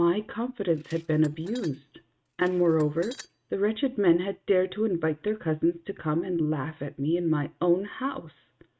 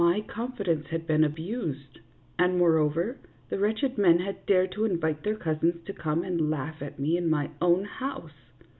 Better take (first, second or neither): second